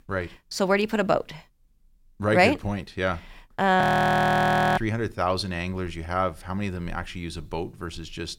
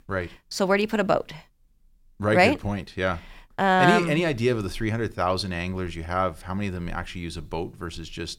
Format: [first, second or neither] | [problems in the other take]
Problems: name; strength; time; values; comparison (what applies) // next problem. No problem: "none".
second | audio freezing; at 4 s for 1 s